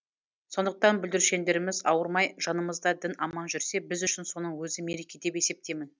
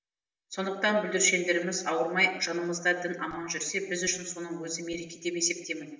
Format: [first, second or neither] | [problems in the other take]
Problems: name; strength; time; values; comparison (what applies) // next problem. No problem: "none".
first | room echo; dies away in 0.8 s